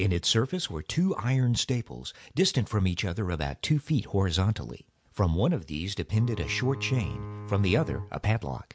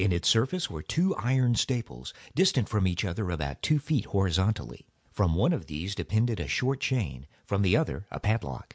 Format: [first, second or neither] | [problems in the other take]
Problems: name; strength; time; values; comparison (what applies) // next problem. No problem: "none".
second | background sound (Bowed string instrument); 11 dB below the speech